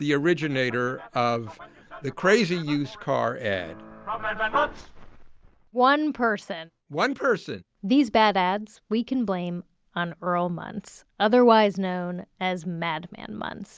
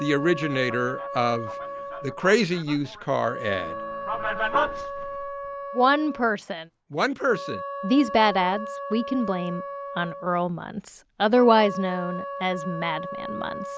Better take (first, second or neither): first